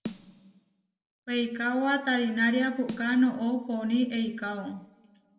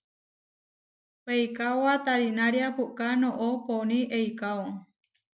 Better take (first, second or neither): second